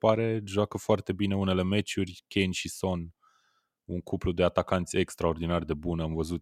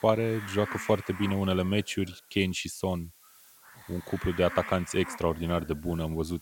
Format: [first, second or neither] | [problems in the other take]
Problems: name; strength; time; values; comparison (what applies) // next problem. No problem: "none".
first | hiss; noticeable; throughout; 15 dB below the speech